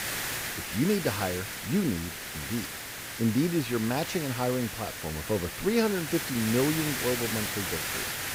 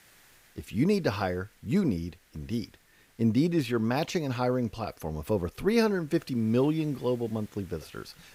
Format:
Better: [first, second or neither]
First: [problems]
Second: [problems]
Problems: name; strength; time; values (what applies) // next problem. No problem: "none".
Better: second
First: hiss; loud; throughout; 3 dB below the speech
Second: hiss; faint; throughout; 30 dB below the speech